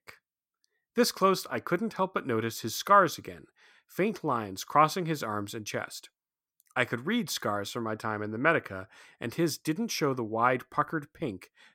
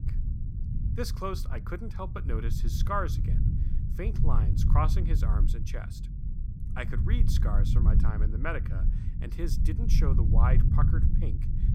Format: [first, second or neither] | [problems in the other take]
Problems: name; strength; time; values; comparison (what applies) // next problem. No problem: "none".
first | low rumble; loud; throughout; 7 dB below the speech